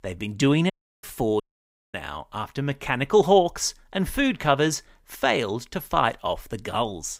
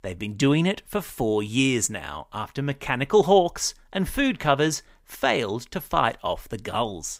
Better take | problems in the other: second | audio cutting out; at 0.5 s and at 1.5 s for 0.5 s

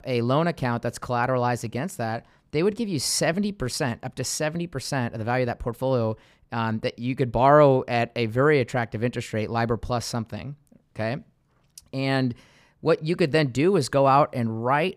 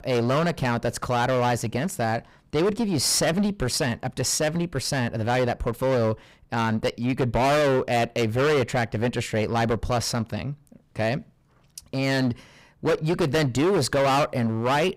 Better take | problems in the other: first | distortion; heavy; 16% of the sound clipped

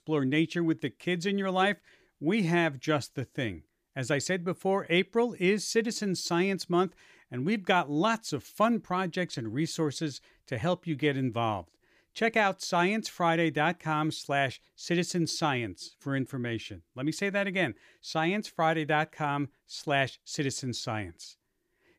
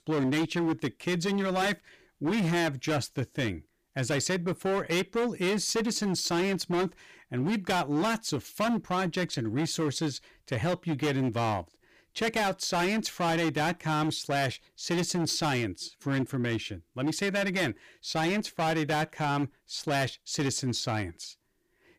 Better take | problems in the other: first | distortion; heavy; 18% of the sound clipped

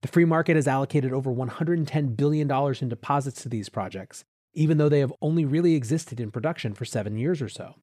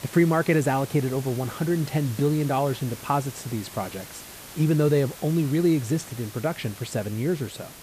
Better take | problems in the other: first | hiss; noticeable; throughout; 15 dB below the speech

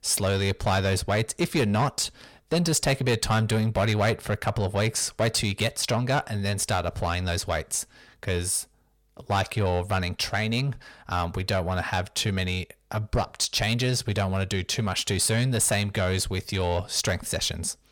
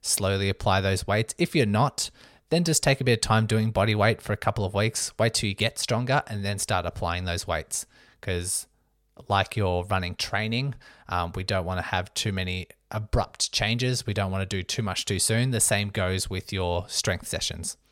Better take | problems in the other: second | distortion; slight; 10 dB below the speech

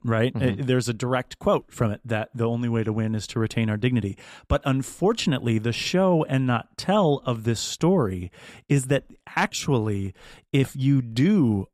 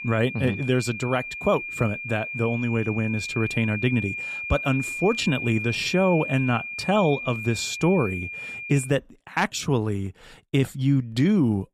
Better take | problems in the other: first | high-pitched whine; loud; until 9 s; 2.5 kHz, 6 dB below the speech

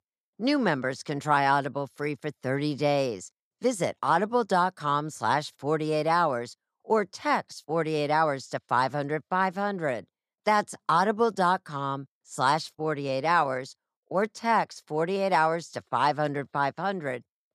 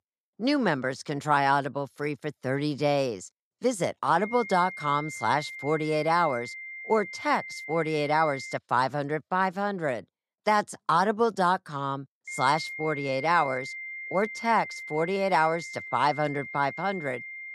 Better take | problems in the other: first | high-pitched whine; loud; from 4 to 8.5 s and from 12 s on; 2 kHz, 10 dB below the speech

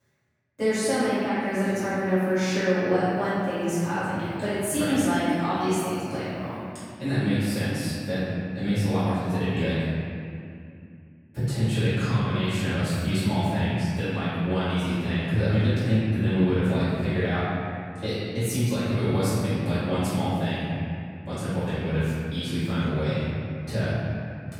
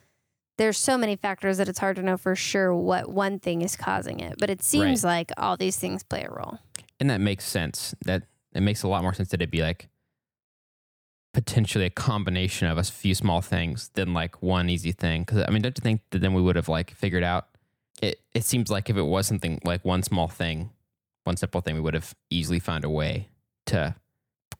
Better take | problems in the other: second | room echo; strong; dies away in 2.6 s // off-mic speech; far

